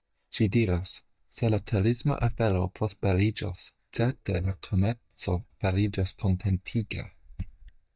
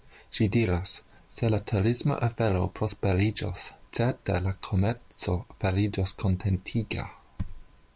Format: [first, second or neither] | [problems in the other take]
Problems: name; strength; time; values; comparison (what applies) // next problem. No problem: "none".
second | noise reduction (neural mask model DeepFilterNet 3)